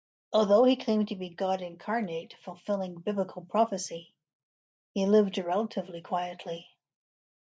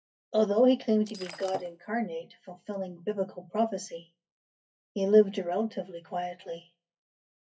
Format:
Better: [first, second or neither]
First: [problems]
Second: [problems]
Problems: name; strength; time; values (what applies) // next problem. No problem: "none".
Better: first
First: none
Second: noise reduction (classical method WPE with log-MMSE)